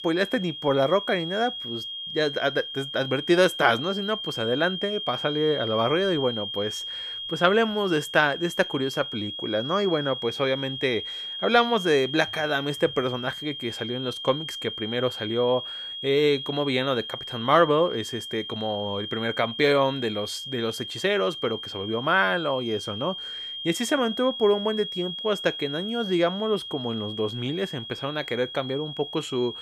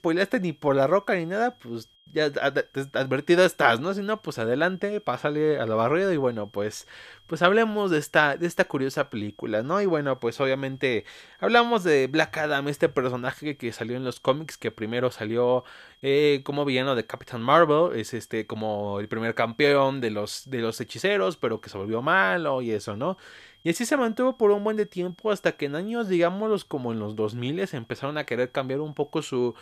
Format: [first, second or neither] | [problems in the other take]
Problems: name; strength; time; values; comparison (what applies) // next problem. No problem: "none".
second | high-pitched whine; loud; throughout; 3 kHz, 7 dB below the speech; faint in the second